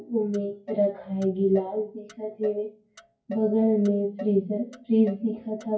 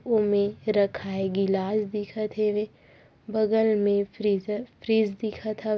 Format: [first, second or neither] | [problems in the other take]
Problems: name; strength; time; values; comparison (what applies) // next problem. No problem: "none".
second | noise reduction (classical method WPE with log-MMSE)